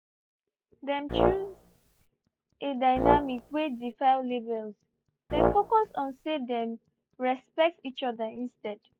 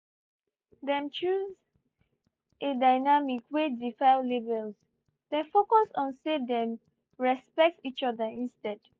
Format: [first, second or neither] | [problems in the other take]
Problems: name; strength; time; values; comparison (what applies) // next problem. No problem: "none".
second | background sound (Brass instrument); 1 dB above the speech